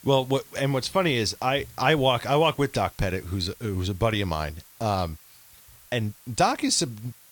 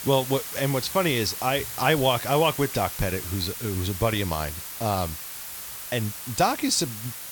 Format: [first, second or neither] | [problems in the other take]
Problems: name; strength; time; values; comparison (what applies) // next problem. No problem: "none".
first | hiss; loud; throughout; 7 dB below the speech; faint in the first